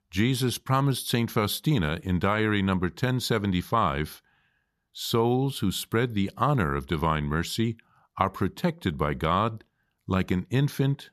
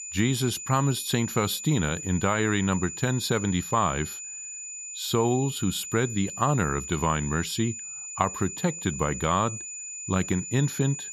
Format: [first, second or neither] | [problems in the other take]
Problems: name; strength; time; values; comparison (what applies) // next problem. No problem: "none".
first | high-pitched whine; loud; throughout; 7 kHz, 8 dB below the speech